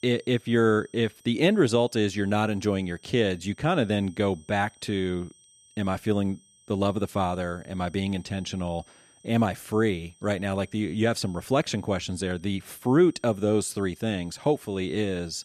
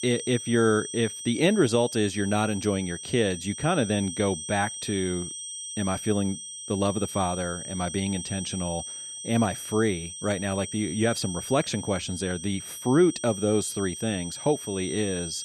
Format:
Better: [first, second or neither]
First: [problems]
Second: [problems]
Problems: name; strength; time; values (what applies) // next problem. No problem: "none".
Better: first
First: high-pitched whine; faint; throughout; 8.5 kHz, 30 dB below the speech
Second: high-pitched whine; loud; throughout; 8.5 kHz, 8 dB below the speech